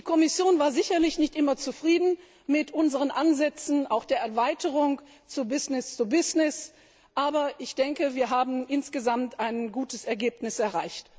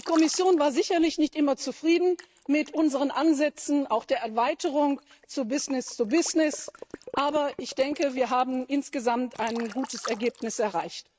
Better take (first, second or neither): first